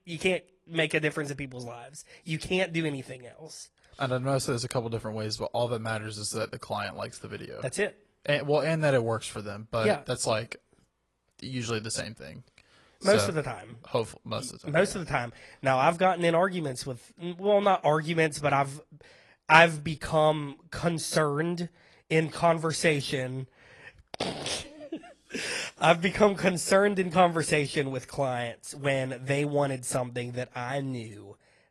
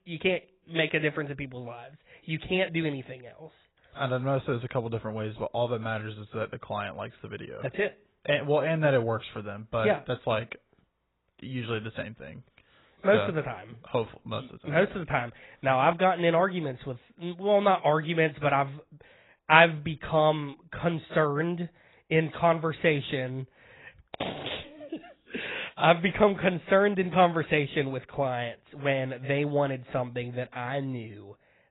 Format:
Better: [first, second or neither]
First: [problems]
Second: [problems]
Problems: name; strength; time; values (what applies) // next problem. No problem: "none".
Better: first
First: garbled, watery; slightly; nothing above 11 kHz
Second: garbled, watery; badly; nothing above 4 kHz